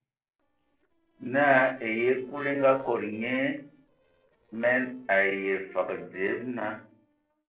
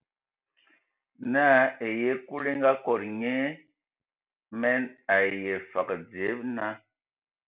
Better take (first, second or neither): second